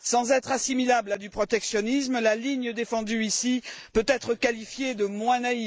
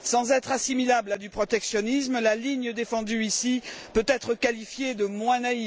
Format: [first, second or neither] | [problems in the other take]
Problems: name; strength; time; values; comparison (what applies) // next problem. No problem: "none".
second | noise reduction (neural mask model Resemble Enhance denoiser)